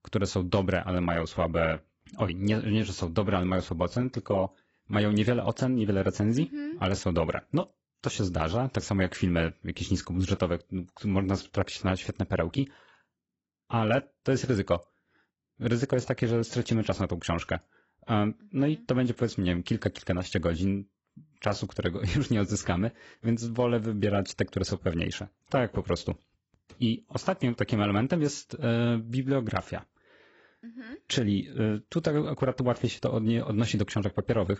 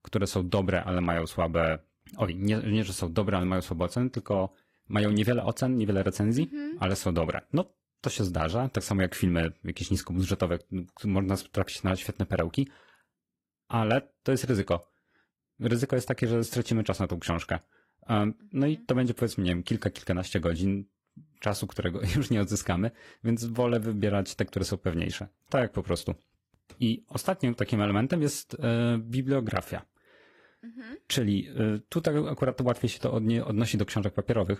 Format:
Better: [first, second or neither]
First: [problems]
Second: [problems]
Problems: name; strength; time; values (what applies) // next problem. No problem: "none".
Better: second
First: garbled, watery; badly; nothing above 8 kHz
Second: garbled, watery; slightly; nothing above 14.5 kHz